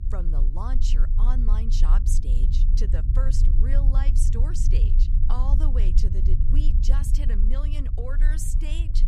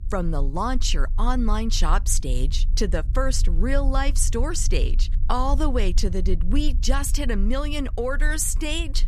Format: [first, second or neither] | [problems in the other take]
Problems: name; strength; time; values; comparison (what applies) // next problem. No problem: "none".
second | low rumble; loud; throughout; 4 dB below the speech; faint in the second